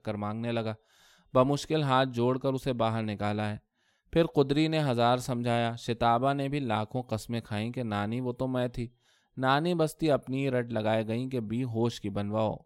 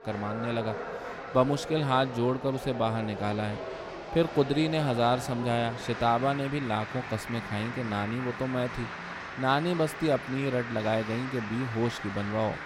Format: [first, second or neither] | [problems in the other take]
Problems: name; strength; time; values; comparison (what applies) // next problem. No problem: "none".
first | crowd noise; loud; throughout; 9 dB below the speech